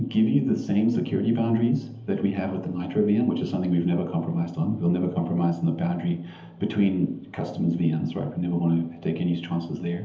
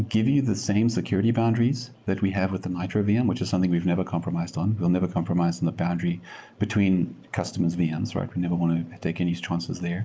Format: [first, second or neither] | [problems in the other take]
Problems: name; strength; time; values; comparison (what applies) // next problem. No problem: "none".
second | room echo; dies away in 1.2 s